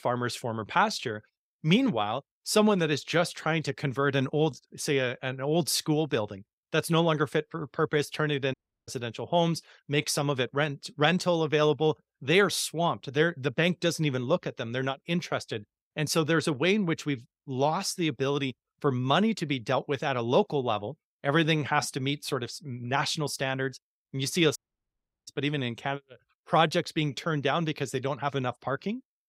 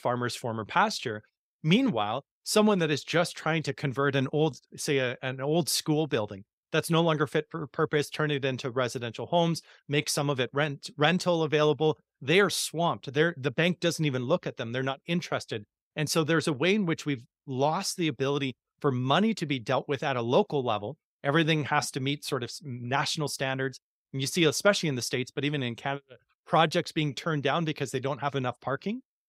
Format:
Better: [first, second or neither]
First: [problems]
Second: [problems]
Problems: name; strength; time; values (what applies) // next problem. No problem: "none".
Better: second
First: audio cutting out; at 8.5 s and at 25 s for 0.5 s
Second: none